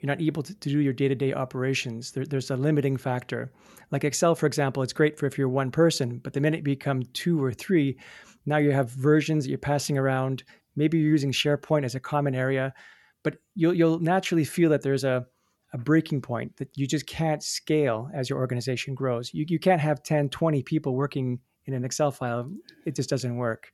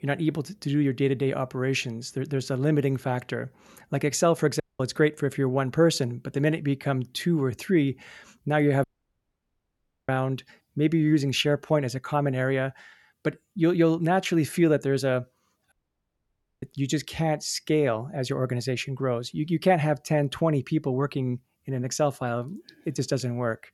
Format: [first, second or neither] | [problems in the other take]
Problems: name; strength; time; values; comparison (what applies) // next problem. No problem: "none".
first | audio cutting out; at 4.5 s, at 9 s for 1 s and at 16 s for 1 s